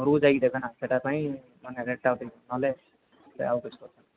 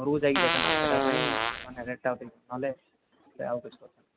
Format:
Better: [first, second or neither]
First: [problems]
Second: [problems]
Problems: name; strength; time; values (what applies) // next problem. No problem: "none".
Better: first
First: none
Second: background sound (Fart); 4 dB above the speech